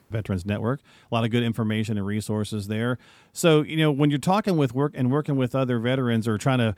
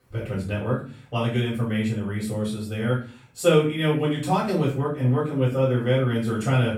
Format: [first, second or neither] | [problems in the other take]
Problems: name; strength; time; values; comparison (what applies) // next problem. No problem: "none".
first | off-mic speech; far // room echo; noticeable; dies away in 0.4 s